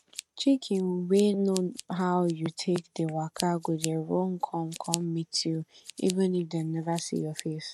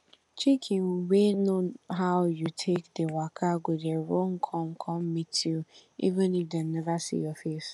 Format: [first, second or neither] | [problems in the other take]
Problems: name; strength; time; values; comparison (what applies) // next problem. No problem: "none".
second | noise reduction (neural mask model RNNoise)